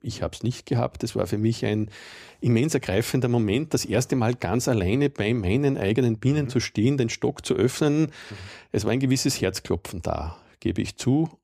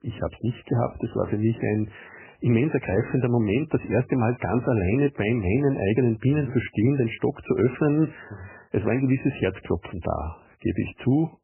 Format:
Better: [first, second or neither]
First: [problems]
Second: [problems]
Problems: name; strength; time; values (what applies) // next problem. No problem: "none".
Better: first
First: none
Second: garbled, watery; badly; nothing above 3 kHz